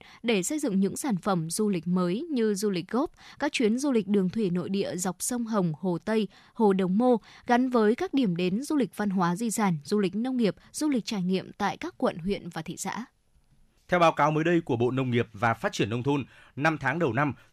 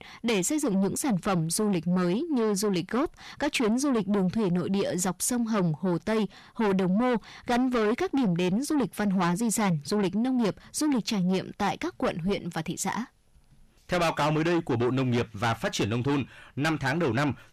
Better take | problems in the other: first | distortion; heavy; 8 dB below the speech

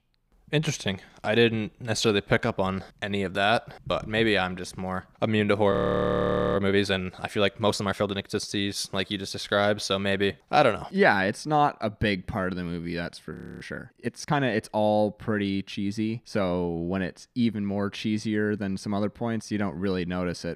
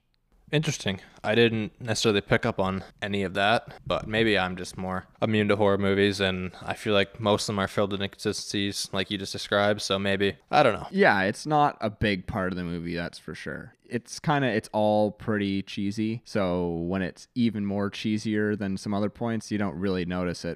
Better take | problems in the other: second | audio freezing; at 5.5 s for 1 s and at 13 s

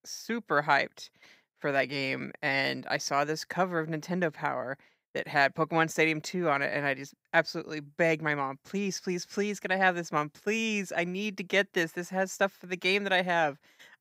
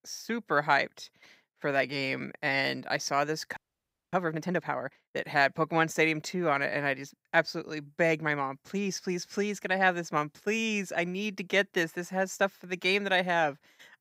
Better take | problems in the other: first | audio freezing; at 3.5 s for 0.5 s

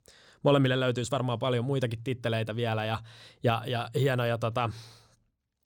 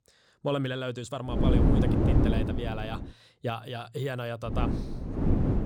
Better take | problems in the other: first | wind noise on the microphone; heavy; from 1.5 to 3 s and from 4.5 s on; 1 dB above the speech

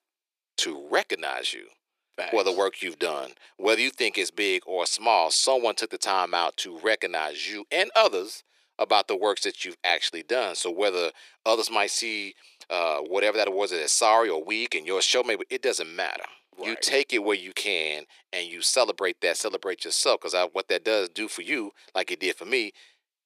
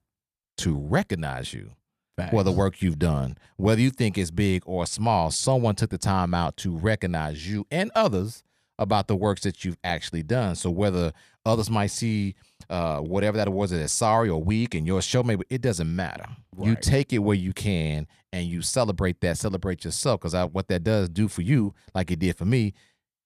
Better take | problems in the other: second | thin; very; fading below 350 Hz

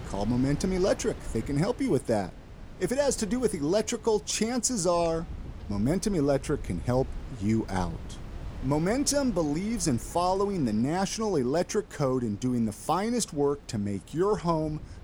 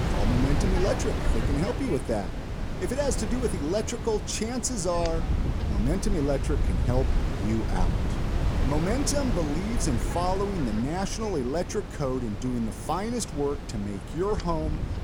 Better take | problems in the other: first | wind noise on the microphone; heavy; 6 dB below the speech; occasional gusts in the first

